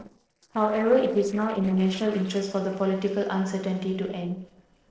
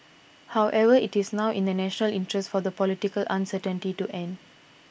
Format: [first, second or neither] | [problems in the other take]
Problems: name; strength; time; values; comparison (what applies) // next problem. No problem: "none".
second | noise reduction (neural separator model SepFormer DNS4)